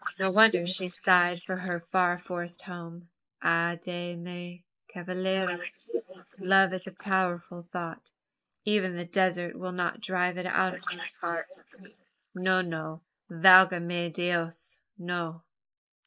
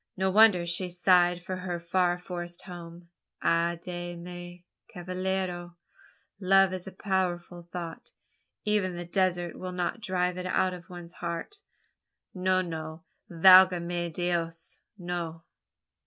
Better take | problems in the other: second | noise reduction (neural mask model Resemble Enhance denoiser)

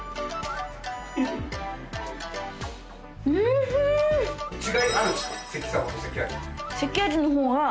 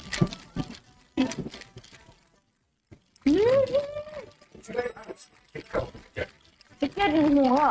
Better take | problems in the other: first | noise reduction (neural mask model RNNoise)

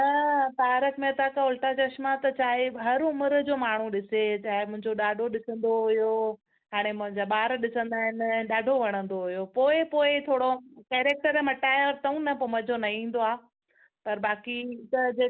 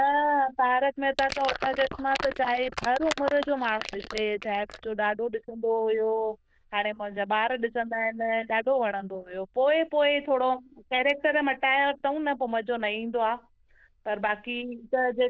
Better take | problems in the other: first | noise reduction (neural diffusion model UNIVERSE++)

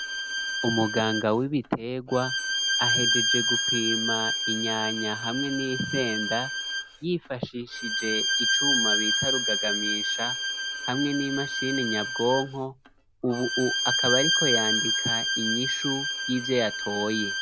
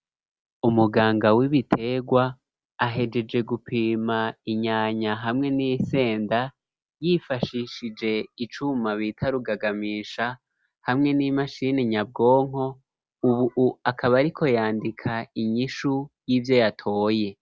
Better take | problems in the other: second | background sound (Bowed string instrument); 2 dB above the speech

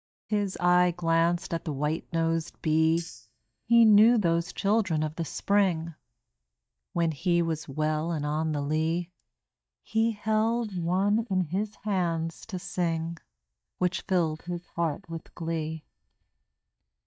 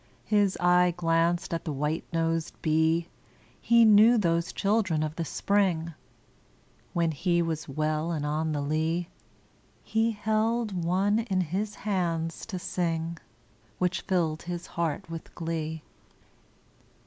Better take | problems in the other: second | noise reduction (neural mask model DeepFilterNet 3)

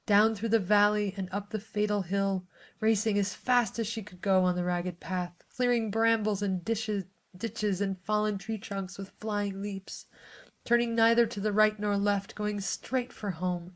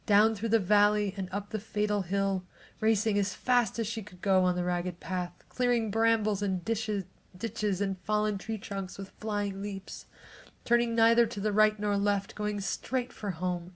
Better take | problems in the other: second | noise reduction (neural mask model Resemble Enhance denoiser)

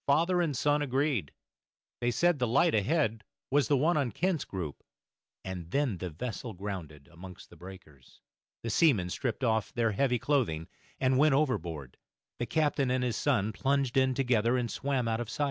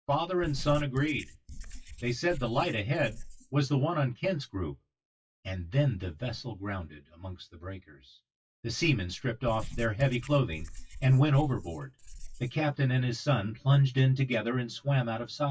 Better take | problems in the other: first | noise reduction (classical method WPE with log-MMSE)

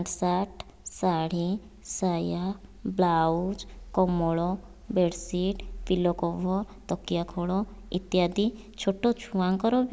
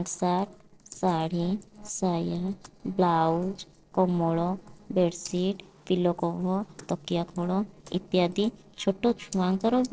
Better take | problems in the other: first | noise reduction (neural separator model SepFormer DNS4)

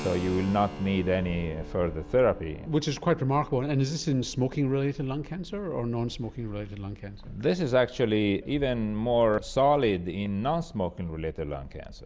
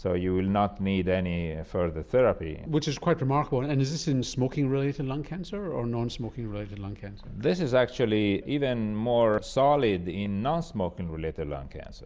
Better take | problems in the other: second | background sound (Keyboard (musical) + Boom); 18 dB below the speech

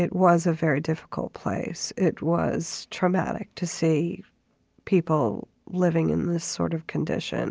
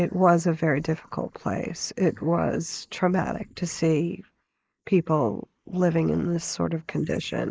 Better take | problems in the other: first | noise reduction (neural mask model Resemble Enhance denoiser)

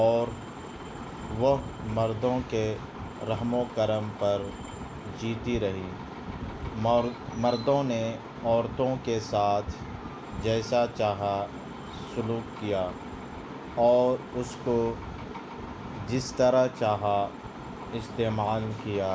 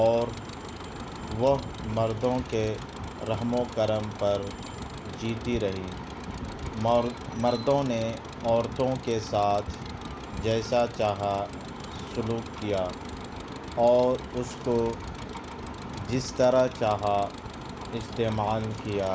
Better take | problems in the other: first | background sound (Engine); 17 dB below the speech

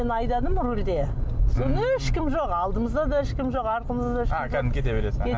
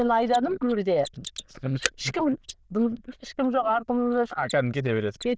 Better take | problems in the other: first | noise reduction (neural diffusion model UNIVERSE++)

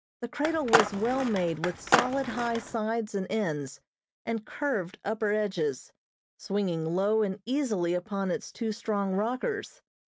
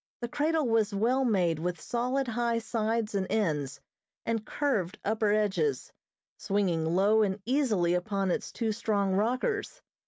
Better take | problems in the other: second | background sound (Skateboard); as loud as the speech

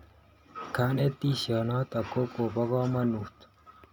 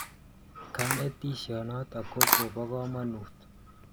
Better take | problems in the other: first | background sound (Camera); 2 dB above the speech

